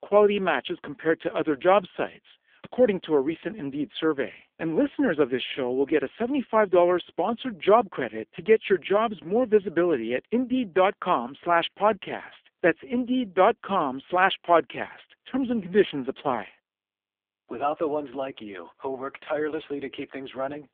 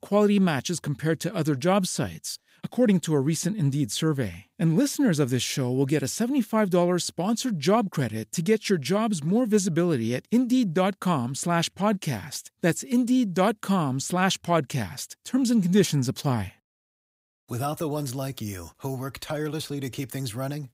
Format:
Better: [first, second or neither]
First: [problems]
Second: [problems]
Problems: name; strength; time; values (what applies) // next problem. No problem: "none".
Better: second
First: phone-call audio; poor line; nothing above 3.5 kHz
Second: none